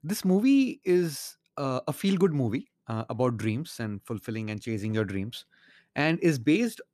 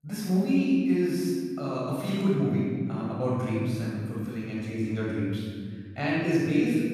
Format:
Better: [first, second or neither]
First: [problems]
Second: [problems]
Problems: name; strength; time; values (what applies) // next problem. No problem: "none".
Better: first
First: none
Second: off-mic speech; far // room echo; strong; dies away in 2.1 s